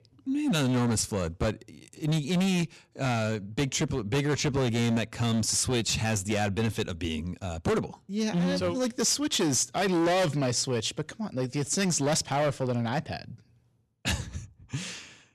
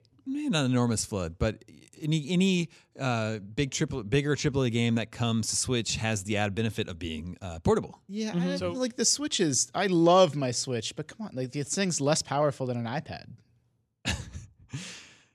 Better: second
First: distortion; heavy; 14% of the sound clipped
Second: none

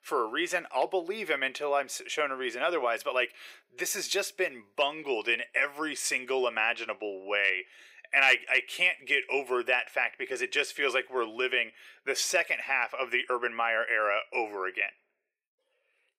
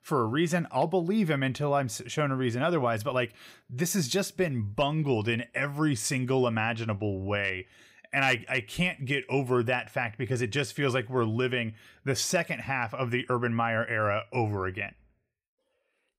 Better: second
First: thin; very; fading below 400 Hz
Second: none

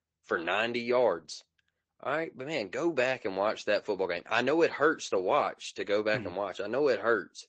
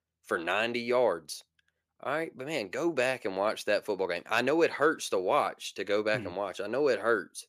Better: second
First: garbled, watery; slightly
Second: none

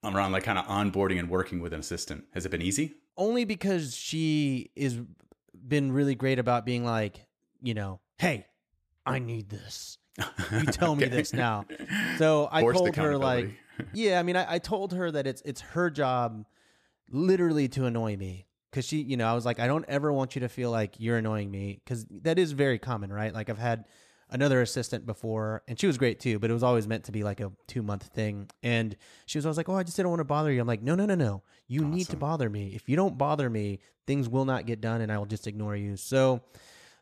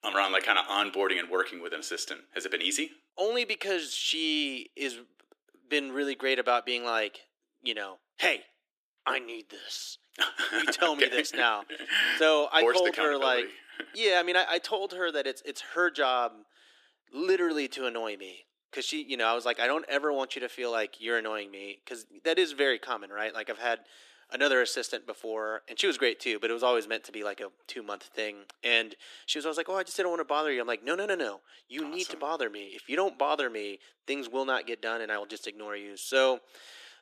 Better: first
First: none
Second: thin; very; fading below 300 Hz

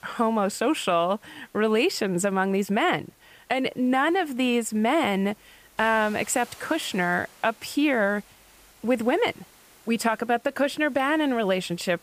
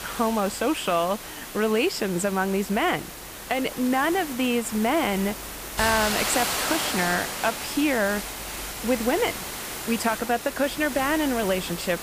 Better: first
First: hiss; faint; throughout; 25 dB below the speech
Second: hiss; loud; throughout; 6 dB below the speech

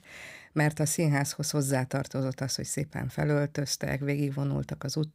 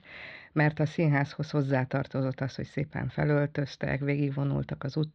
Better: first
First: none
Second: muffled; very; fading above 4 kHz

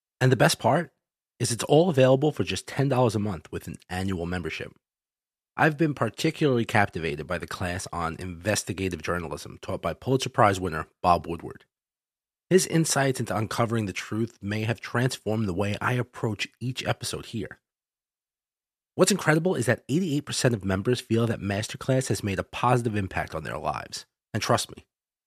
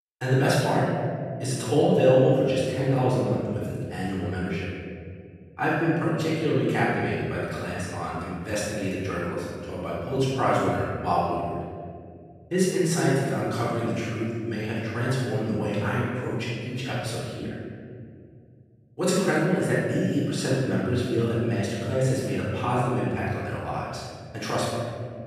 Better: first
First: none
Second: off-mic speech; far // room echo; strong; dies away in 2.2 s

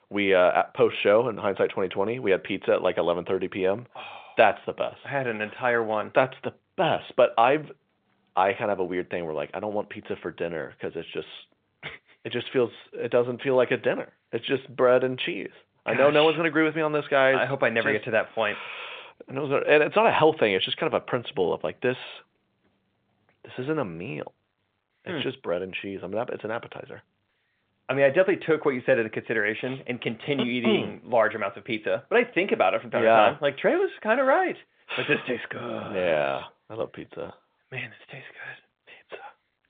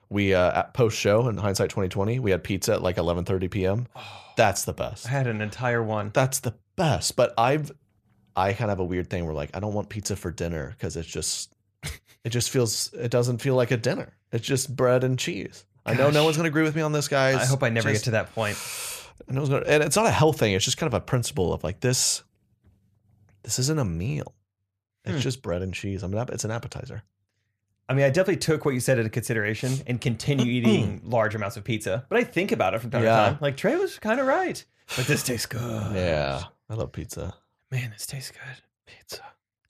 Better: second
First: phone-call audio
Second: none

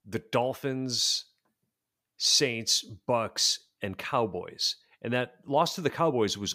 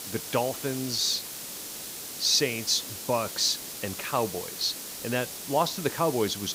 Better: first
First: none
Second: hiss; loud; throughout; 8 dB below the speech

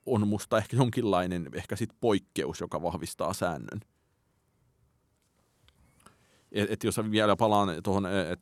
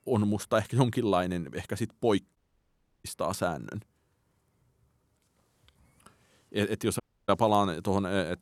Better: first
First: none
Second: audio cutting out; at 2.5 s for 0.5 s and at 7 s

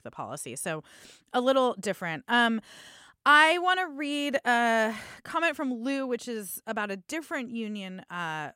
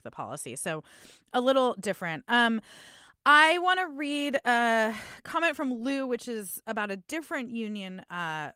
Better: first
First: none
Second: garbled, watery; slightly; nothing above 16 kHz

